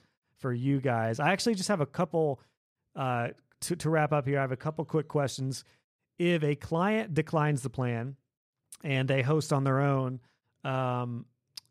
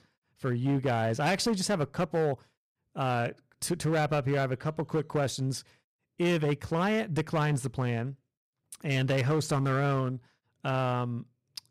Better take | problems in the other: first | distortion; slight; 9% of the sound clipped

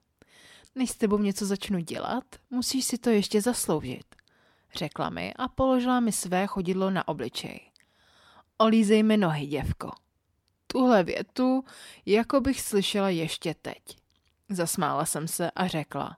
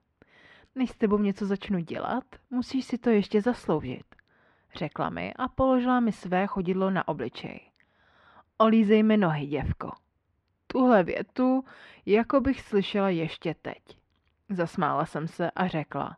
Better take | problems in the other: first | muffled; very; fading above 2 kHz

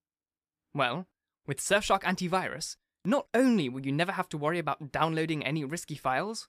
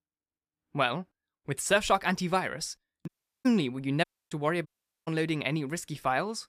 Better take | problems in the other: first | audio cutting out; at 3 s, at 4 s and at 4.5 s

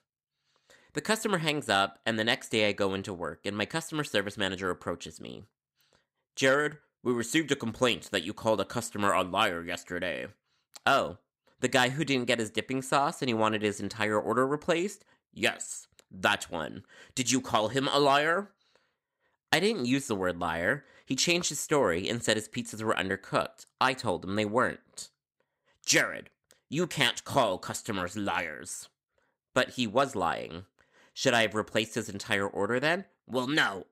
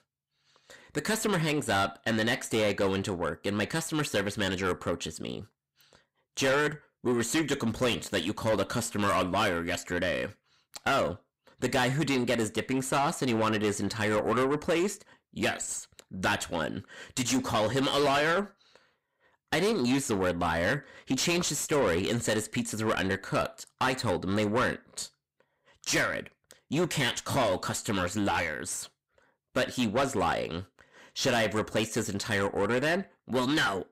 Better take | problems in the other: first | distortion; heavy; 6 dB below the speech

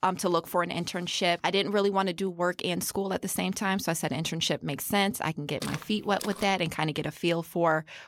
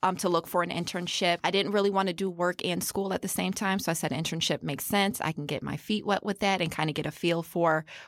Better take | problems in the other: second | footsteps; faint; at 5.5 s; peak 10 dB below the speech

